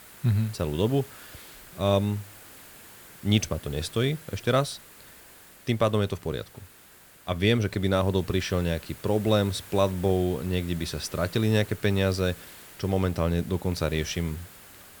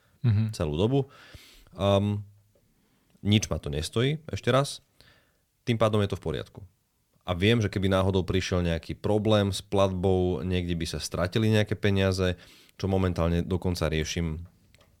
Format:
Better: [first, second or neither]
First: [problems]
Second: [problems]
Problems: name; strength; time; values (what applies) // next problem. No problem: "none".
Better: second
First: hiss; noticeable; throughout; 20 dB below the speech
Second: none